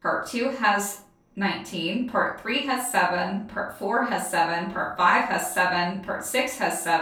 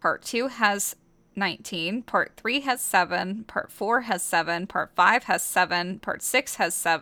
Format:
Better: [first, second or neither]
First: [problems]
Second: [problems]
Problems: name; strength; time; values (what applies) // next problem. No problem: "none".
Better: second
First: room echo; slight; dies away in 0.4 s // off-mic speech; far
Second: none